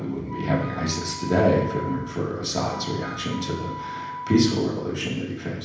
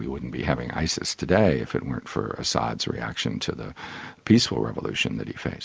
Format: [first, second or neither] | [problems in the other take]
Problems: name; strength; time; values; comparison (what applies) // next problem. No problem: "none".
second | background sound (Wind instrument, woodwind instrument); 12 dB below the speech // room echo; dies away in 0.9 s